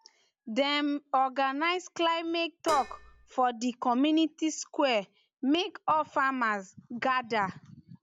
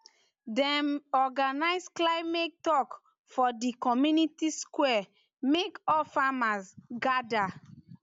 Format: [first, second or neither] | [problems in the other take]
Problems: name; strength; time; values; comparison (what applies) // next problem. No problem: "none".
second | background sound (Dishes, pots, and pans); 11 dB below the speech